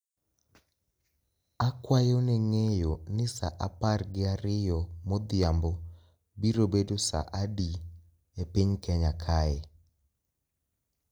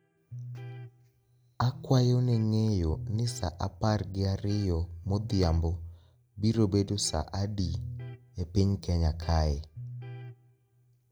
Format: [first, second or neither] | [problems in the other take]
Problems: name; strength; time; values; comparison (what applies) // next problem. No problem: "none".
first | background sound (Electric guitar); 15 dB below the speech